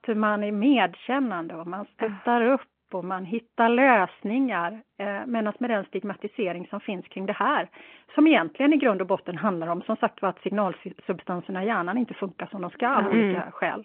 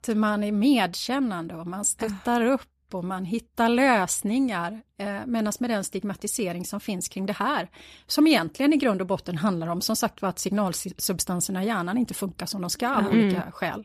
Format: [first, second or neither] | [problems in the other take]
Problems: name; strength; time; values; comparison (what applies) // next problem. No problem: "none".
second | phone-call audio